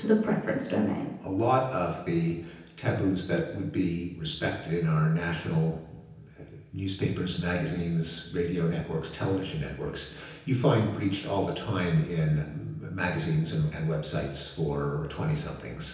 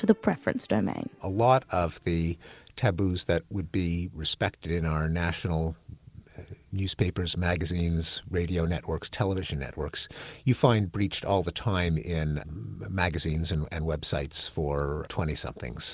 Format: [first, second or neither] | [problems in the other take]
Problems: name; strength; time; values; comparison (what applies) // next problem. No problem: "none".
second | room echo; dies away in 0.9 s